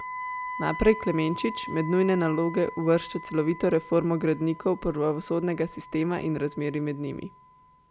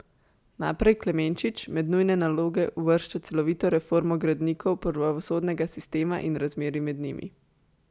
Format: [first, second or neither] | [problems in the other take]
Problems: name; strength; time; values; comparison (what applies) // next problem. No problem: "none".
second | background sound (Wind instrument, woodwind instrument); 13 dB below the speech